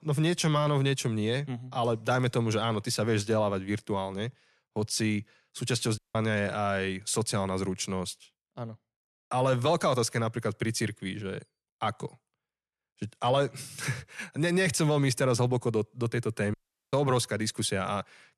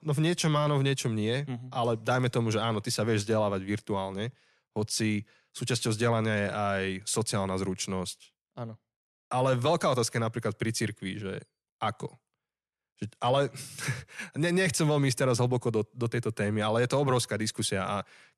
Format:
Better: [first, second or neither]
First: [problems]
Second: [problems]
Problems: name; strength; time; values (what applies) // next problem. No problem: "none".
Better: second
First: audio cutting out; at 6 s and at 17 s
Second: none